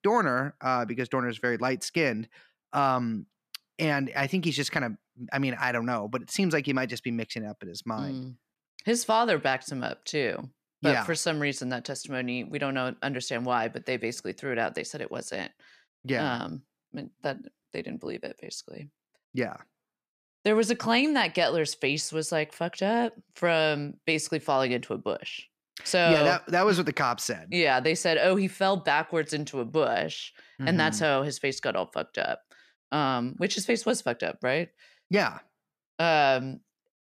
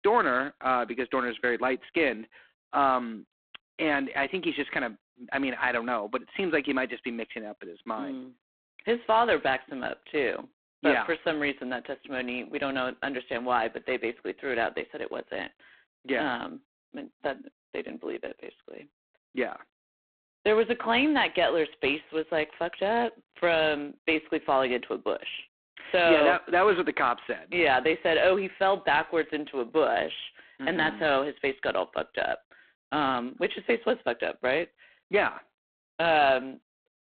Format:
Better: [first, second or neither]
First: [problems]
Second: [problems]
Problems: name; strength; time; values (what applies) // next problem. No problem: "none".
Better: first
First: none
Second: phone-call audio; poor line; nothing above 4 kHz